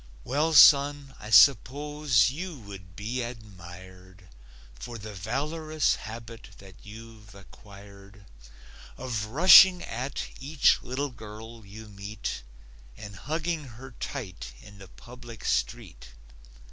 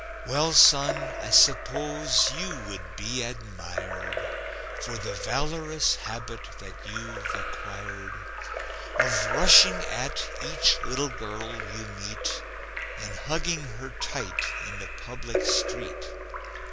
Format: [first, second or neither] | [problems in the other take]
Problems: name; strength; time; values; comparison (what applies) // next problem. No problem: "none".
first | background sound (Drip / Trickle, dribble / Splash, splatter); 6 dB below the speech